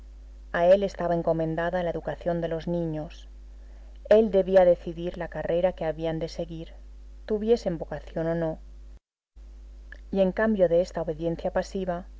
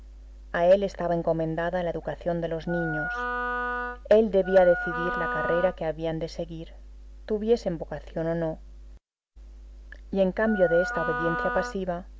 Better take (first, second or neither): first